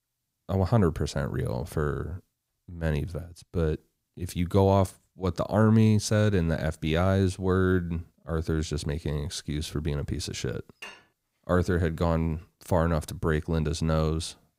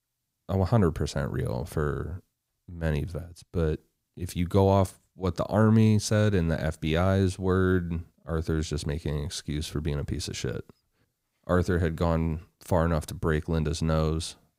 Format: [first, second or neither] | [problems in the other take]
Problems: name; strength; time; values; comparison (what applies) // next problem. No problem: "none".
second | clattering dishes; faint; at 11 s; peak 15 dB below the speech